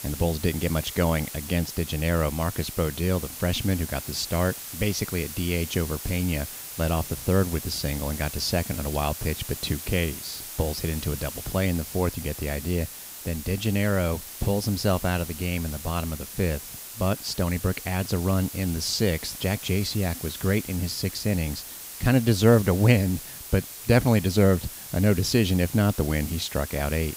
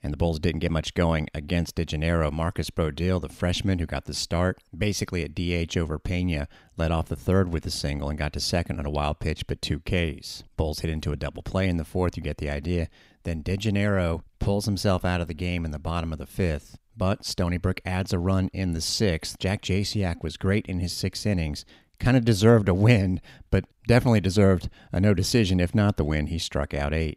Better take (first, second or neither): second